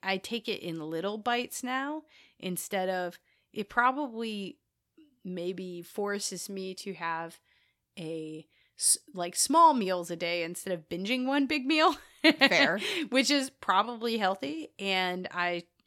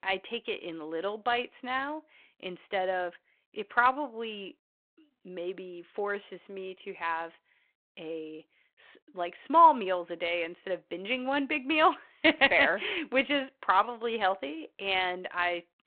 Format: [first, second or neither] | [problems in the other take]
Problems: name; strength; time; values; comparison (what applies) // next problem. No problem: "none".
first | phone-call audio